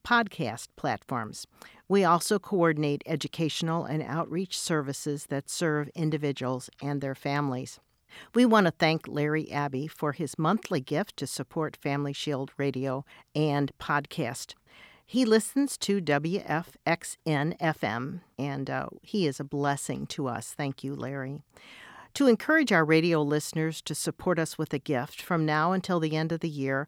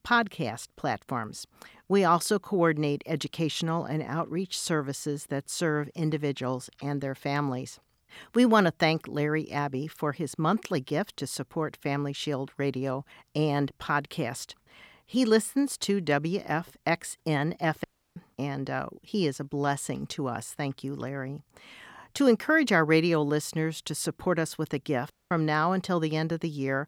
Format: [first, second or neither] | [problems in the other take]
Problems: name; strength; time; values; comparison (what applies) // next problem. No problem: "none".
first | audio cutting out; at 18 s and at 25 s